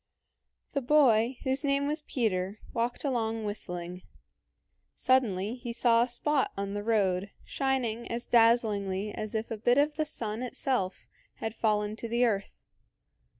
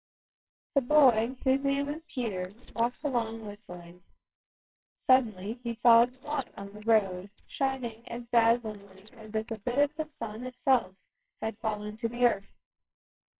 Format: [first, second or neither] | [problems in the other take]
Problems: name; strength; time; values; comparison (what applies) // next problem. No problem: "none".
first | noise reduction (neural separator model SepFormer WHAMR!)